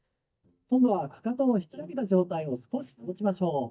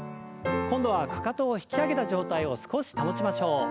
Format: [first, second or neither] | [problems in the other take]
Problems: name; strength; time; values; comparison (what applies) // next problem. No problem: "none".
second | noise reduction (neural mask model DeepFilterNet 3)